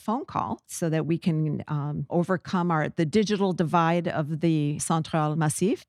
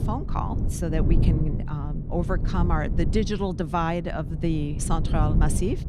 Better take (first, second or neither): first